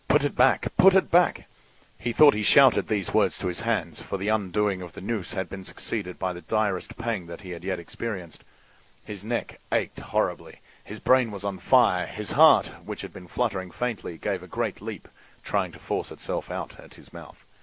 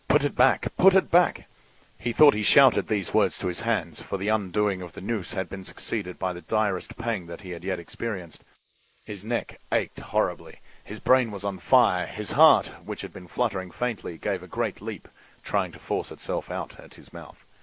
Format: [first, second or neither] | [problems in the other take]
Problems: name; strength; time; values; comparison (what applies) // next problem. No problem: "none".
first | noise reduction (neural mask model Resemble Enhance denoiser)